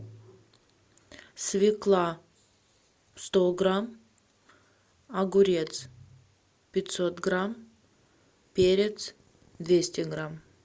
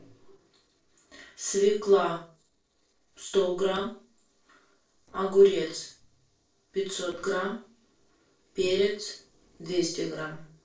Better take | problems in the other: first | noise reduction (neural separator model SepFormer DNS4)

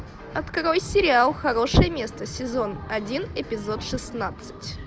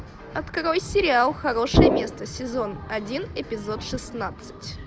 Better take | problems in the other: first | background sound (Brass instrument); 1 dB above the speech

